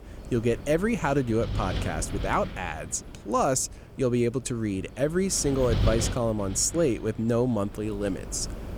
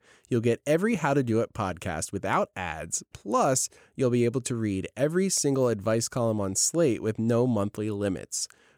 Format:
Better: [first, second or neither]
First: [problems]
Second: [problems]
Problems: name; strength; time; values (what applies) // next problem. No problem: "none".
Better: second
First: wind noise on the microphone; occasional gusts; 15 dB below the speech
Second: none